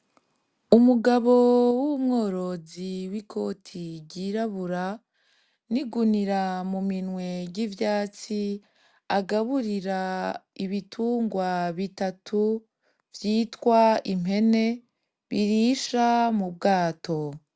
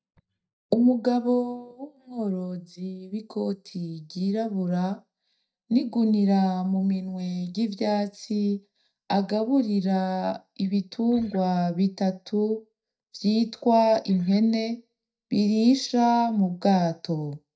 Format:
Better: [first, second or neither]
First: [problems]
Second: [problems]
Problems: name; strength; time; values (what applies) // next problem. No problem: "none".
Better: first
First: none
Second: noise reduction (neural mask model DeepFilterNet 3)